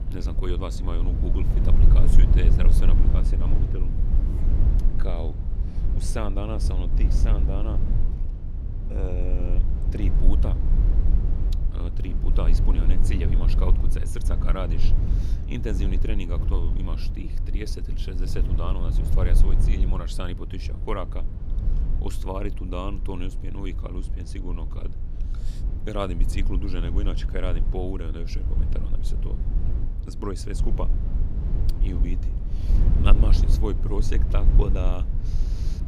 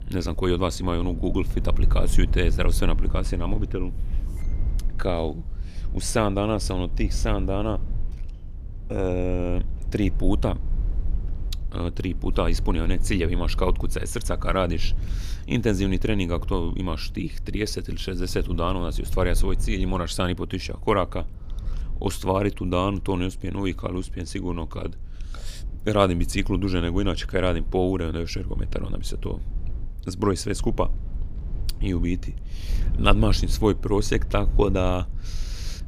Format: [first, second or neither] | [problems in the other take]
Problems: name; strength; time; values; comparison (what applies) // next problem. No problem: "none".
second | low rumble; loud; throughout; 5 dB below the speech; faint in the second